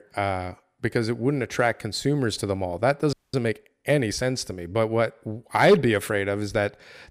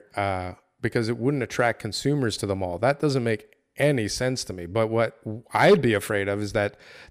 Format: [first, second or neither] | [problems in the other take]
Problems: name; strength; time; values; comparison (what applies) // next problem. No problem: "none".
second | audio freezing; at 3 s